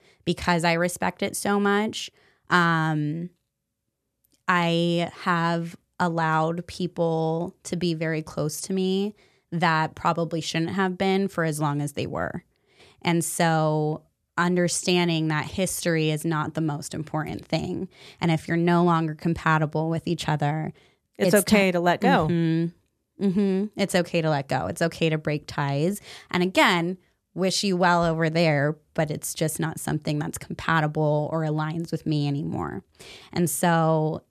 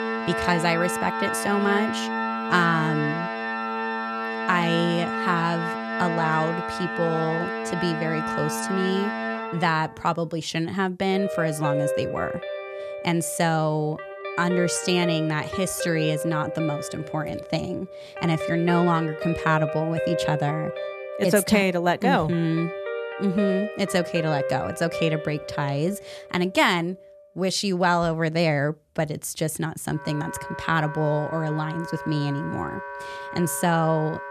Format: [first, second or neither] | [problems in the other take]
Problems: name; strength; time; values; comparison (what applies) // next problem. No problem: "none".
first | background music; loud; throughout; 5 dB below the speech